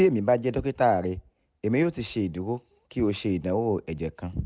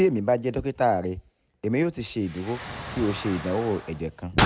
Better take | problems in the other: first | background sound (Explosion); 7 dB below the speech

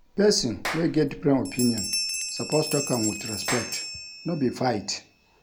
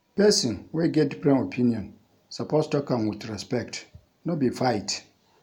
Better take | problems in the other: second | background sound (Clapping + Bell); 7 dB below the speech

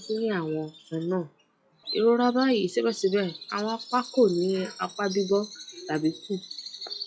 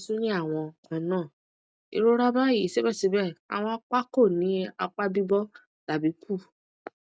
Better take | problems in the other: second | noise reduction (classical method log-MMSE)

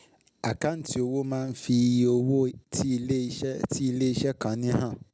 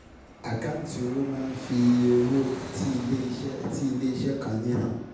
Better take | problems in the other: first | background sound (Fixed-wing aircraft, airplane); 15 dB below the speech // room echo; dies away in 0.8 s

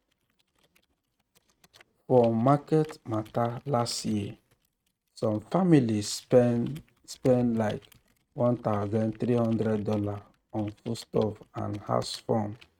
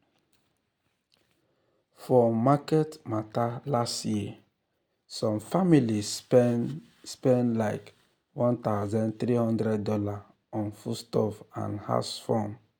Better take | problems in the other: second | noise reduction (neural mask model RNNoise)

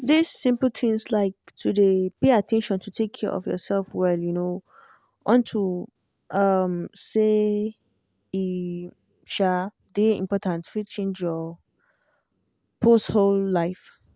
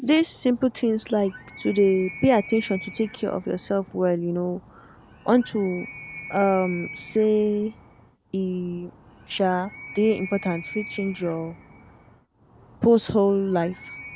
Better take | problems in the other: first | background sound (Animal); 17 dB below the speech

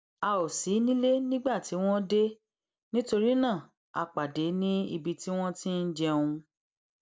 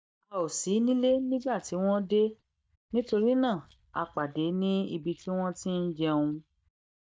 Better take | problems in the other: first | noise reduction (neural mask model DeepFilterNet 3)

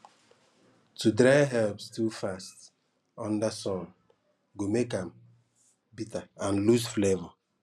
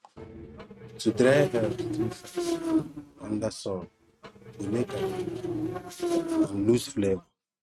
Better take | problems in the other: first | noise reduction (neural mask model RNNoise)

